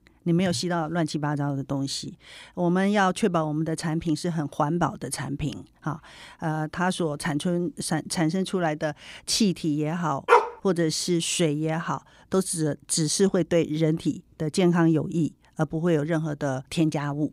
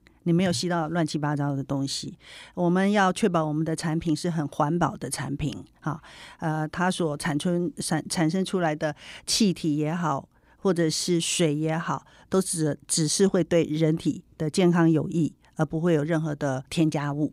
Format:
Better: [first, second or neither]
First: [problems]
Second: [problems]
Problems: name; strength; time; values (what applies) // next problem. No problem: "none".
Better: second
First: dog barking; loud; at 10 s; peak 5 dB above the speech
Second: none